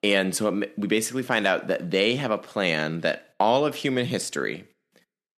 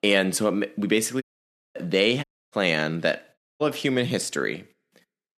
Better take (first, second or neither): first